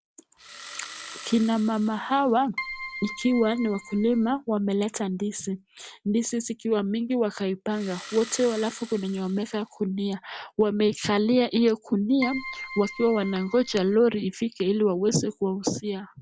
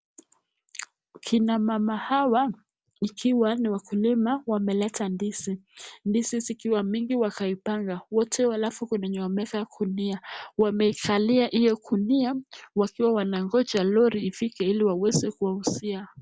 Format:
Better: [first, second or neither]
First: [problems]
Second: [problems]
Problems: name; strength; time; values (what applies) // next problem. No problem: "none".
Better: second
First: background sound (Keyboard (musical) + Engine starting); 14 dB below the speech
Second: none